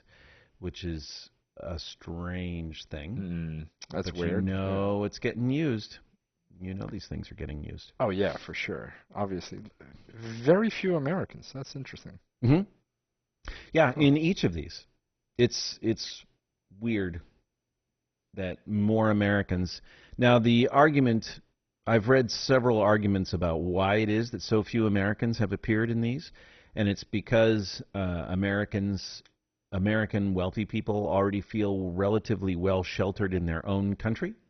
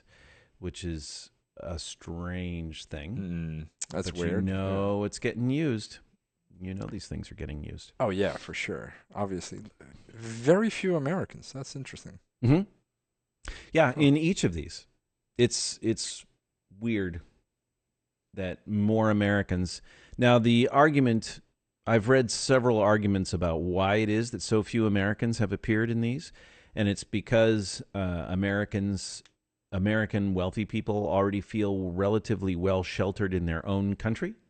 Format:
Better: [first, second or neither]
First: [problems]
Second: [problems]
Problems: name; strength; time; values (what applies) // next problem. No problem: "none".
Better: second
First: garbled, watery; badly; nothing above 6 kHz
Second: garbled, watery; slightly; nothing above 8.5 kHz